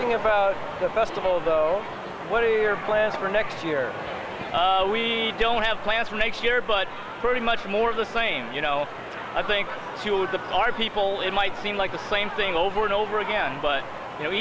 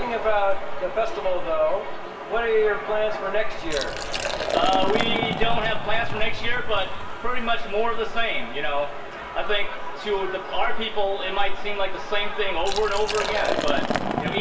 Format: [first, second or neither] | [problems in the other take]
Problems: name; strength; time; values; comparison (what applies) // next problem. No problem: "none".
first | background sound (Liquid); 10 dB below the speech // room echo; dies away in 0.8 s